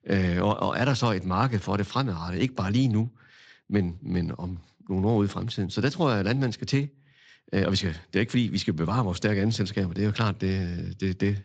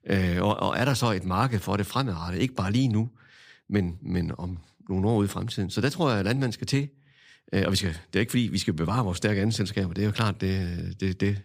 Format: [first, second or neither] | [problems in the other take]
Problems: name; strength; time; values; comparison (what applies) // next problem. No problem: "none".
second | garbled, watery; slightly; nothing above 7.5 kHz